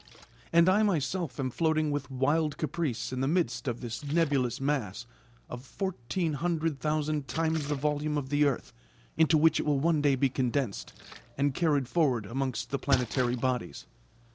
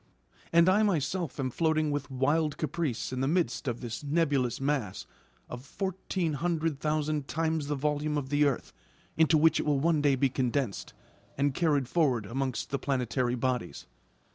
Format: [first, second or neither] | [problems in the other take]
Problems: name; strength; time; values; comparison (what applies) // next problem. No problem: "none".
second | background sound (Splash, splatter); 17 dB below the speech